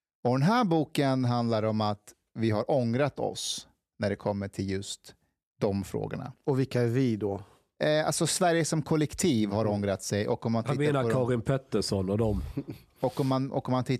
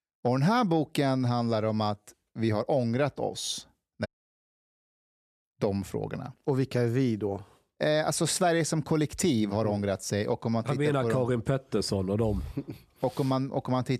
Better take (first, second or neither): first